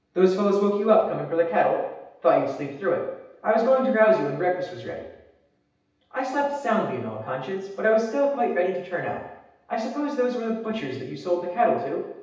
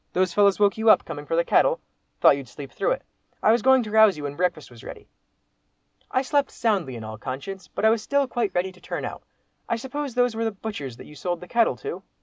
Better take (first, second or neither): second